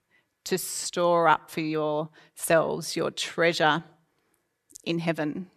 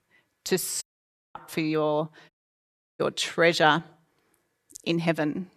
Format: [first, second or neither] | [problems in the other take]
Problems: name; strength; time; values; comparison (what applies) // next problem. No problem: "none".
first | audio cutting out; at 1 s for 0.5 s and at 2.5 s for 0.5 s